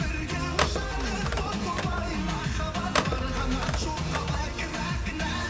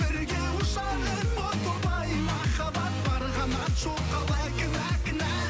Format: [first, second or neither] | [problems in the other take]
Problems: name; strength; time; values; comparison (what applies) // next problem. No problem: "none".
second | background sound (Telephone); 6 dB below the speech // room echo; dies away in 2.1 s